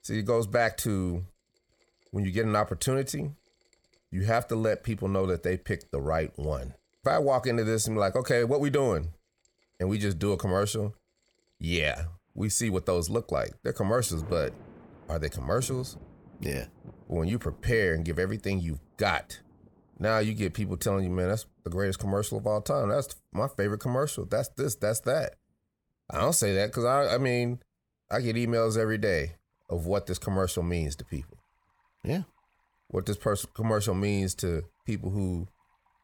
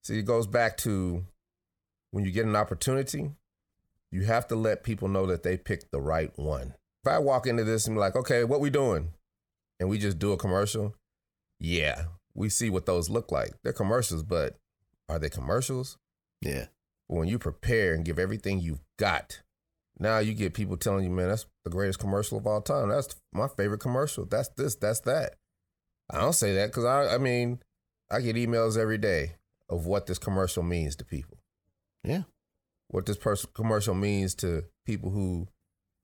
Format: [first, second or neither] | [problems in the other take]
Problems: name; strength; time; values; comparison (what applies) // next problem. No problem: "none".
second | rain or running water; faint; throughout; 20 dB below the speech